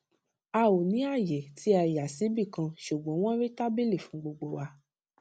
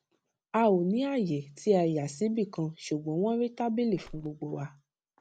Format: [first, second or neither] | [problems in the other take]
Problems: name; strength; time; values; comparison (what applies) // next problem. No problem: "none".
first | background sound (Bird); 17 dB below the speech